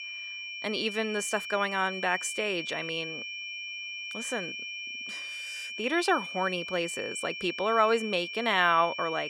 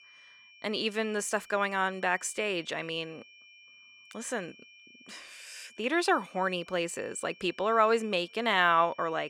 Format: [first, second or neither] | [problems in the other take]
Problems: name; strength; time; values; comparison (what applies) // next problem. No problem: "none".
second | high-pitched whine; loud; throughout; 2.5 kHz, 7 dB below the speech; faint in the second